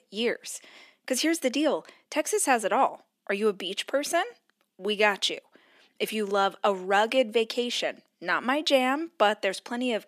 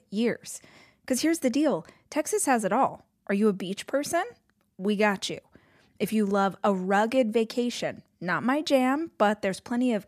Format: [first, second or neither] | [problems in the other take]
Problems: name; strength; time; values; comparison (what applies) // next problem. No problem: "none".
second | thin; very slightly; fading below 300 Hz